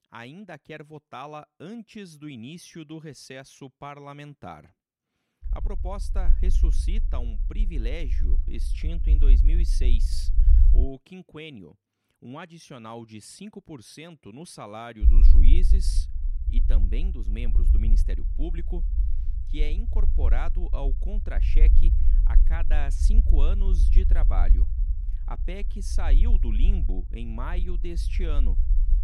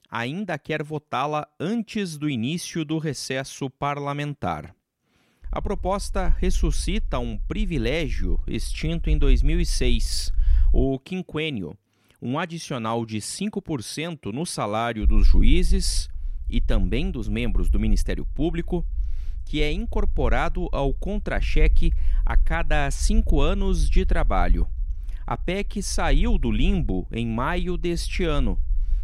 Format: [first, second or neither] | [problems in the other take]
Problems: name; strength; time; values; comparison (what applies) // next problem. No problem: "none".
second | low rumble; loud; from 5.5 to 11 s and from 15 s on; 8 dB below the speech; faint in the second